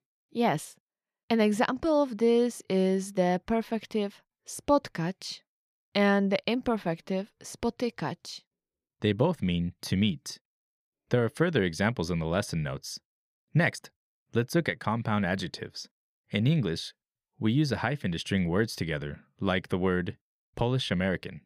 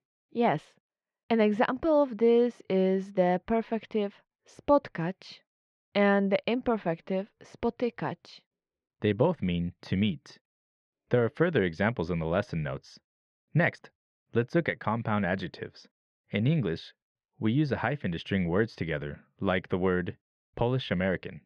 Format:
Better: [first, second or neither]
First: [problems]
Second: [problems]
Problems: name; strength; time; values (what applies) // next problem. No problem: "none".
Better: first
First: none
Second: muffled; slightly; fading above 2.5 kHz